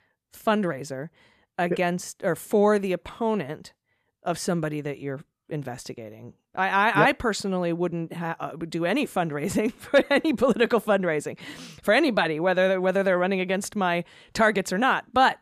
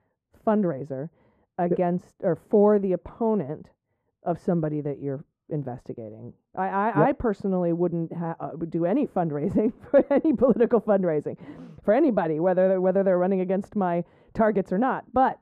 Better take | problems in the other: first | muffled; very; fading above 1.5 kHz

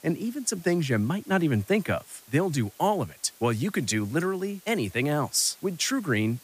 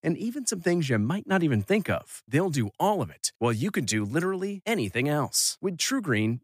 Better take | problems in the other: second | hiss; faint; throughout; 25 dB below the speech

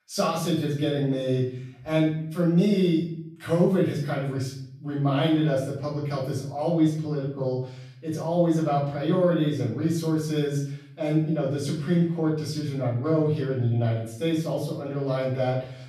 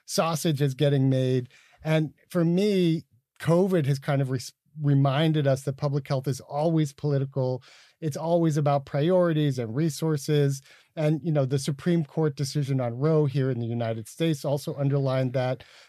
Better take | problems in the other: second | off-mic speech; far // room echo; noticeable; dies away in 0.6 s

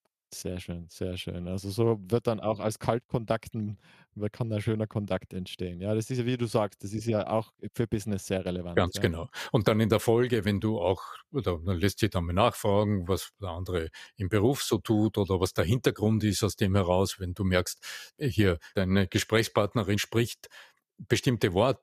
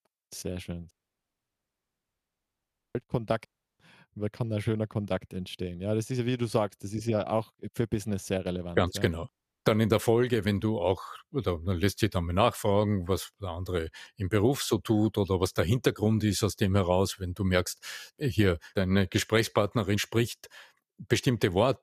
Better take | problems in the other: first | audio cutting out; at 1 s for 2 s, at 3.5 s and at 9.5 s

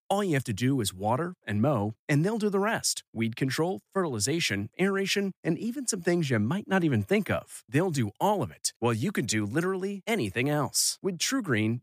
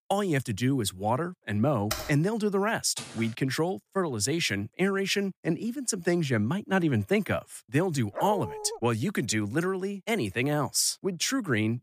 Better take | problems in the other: first | keyboard typing; noticeable; at 2 s; peak 6 dB below the speech // footsteps; faint; at 3 s; peak 15 dB below the speech // dog barking; noticeable; at 8 s; peak 7 dB below the speech

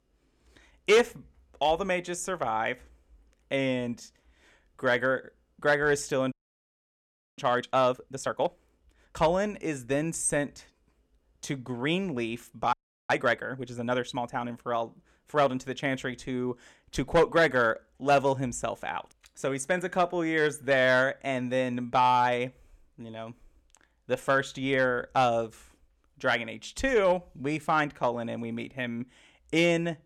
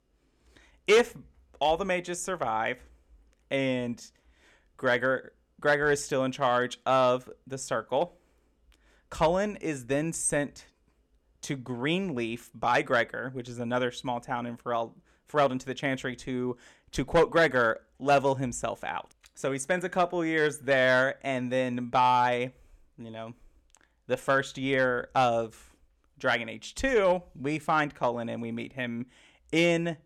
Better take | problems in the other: second | audio freezing; at 6.5 s for 1 s and at 13 s

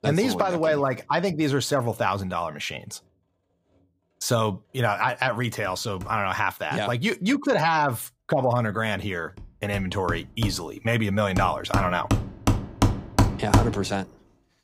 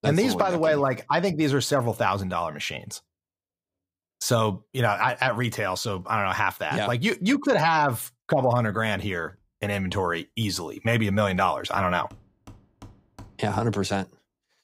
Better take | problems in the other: second | machinery noise; loud; throughout; 2 dB below the speech; faint in the second

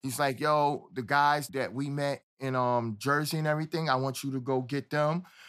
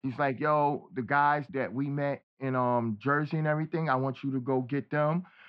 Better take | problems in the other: first | muffled; very; fading above 3 kHz

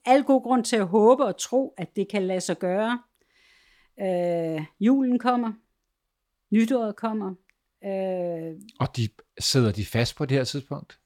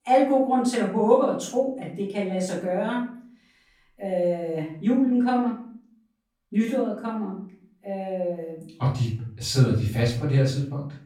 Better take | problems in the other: first | off-mic speech; far // room echo; noticeable; dies away in 0.5 s

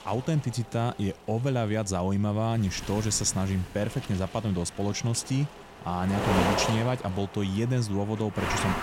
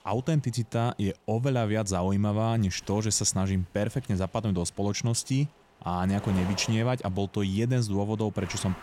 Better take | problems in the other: second | wind noise on the microphone; heavy; 1 dB below the speech; occasional gusts in the second

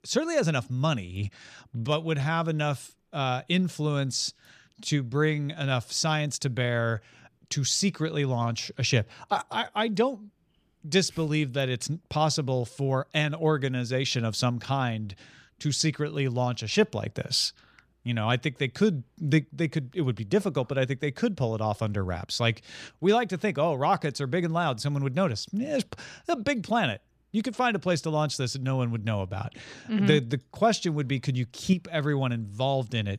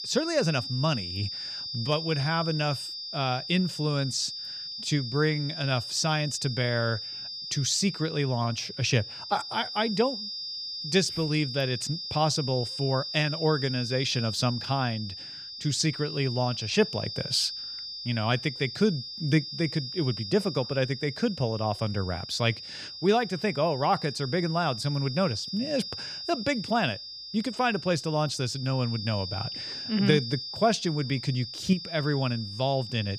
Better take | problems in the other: first | high-pitched whine; loud; throughout; 5 kHz, 7 dB below the speech

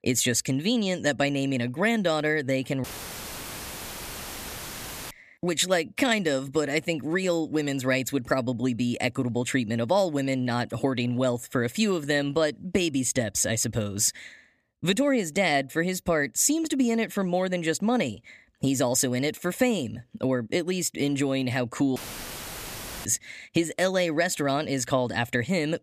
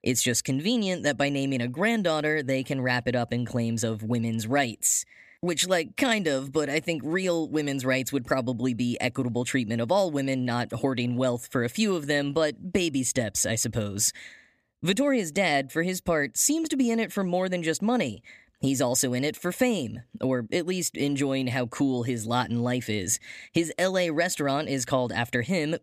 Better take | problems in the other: second | audio cutting out; filled with static; at 3 s for 2.5 s and at 22 s for 1 s

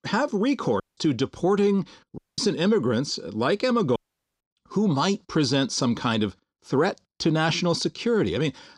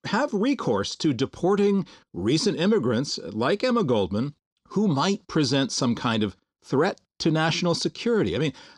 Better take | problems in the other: second | audio cutting out; at 1 s, at 2 s and at 4 s

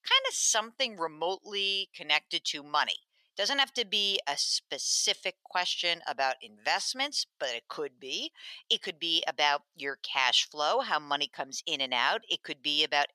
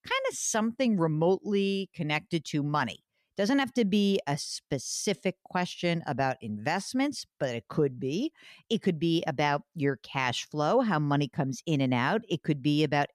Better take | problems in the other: second | thin; very; fading below 800 Hz

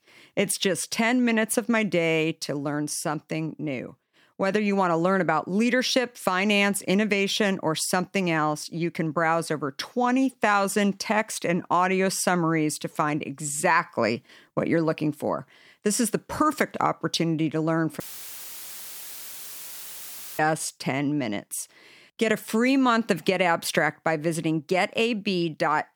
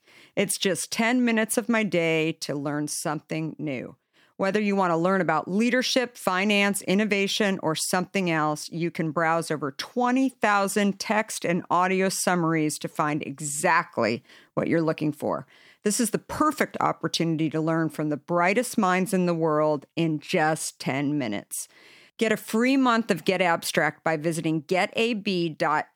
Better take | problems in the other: second | audio cutting out; filled with static; at 18 s for 2.5 s

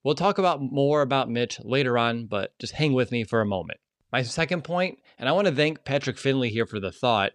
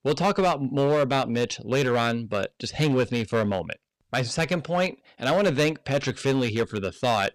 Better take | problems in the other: first | distortion; slight; 6% of the sound clipped

